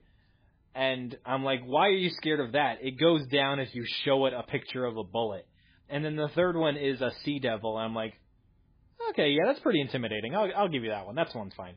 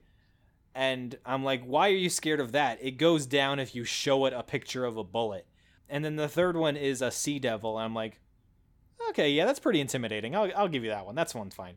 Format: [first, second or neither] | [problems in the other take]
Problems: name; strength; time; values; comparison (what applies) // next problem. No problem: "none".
second | garbled, watery; badly